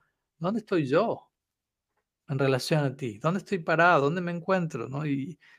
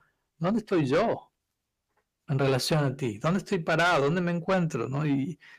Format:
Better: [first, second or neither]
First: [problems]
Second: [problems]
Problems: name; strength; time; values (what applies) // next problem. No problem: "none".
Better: first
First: none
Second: distortion; heavy; 8 dB below the speech